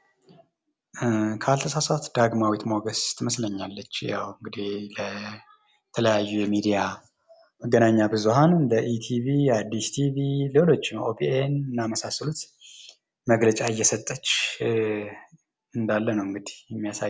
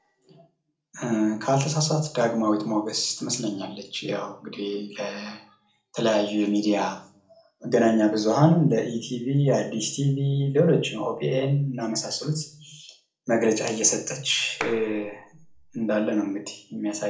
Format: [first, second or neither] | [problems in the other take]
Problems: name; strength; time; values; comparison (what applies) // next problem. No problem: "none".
first | noise reduction (neural separator model SepFormer DNS4)